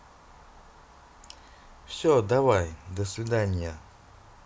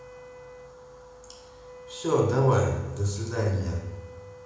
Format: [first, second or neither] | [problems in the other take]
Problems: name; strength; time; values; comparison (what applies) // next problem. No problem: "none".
first | background sound (Wind instrument, woodwind instrument); 19 dB below the speech // room echo; dies away in 1 s